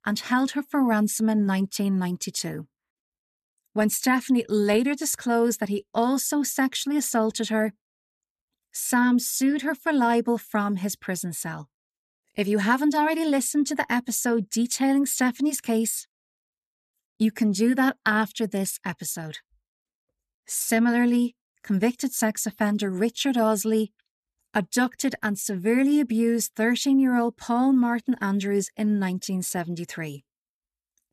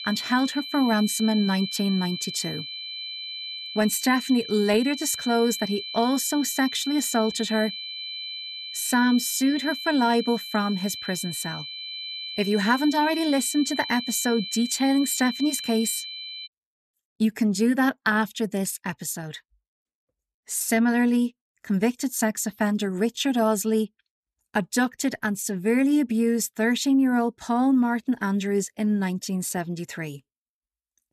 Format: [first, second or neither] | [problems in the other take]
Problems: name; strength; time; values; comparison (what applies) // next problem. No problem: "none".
first | high-pitched whine; loud; until 16 s; 4 kHz, 8 dB below the speech